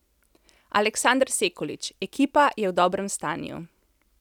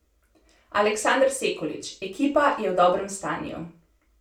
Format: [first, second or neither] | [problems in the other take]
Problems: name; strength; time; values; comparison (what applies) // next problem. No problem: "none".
first | room echo; dies away in 0.3 s